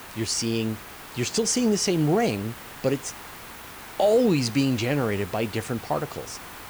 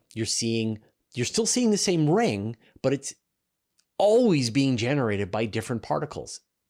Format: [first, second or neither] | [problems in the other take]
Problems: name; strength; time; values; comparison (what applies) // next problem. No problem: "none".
second | hiss; noticeable; throughout; 15 dB below the speech